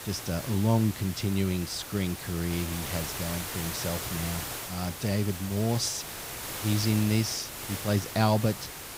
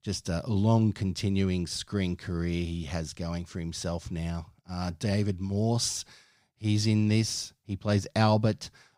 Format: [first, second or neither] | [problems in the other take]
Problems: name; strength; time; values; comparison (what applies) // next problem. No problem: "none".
second | hiss; loud; throughout; 6 dB below the speech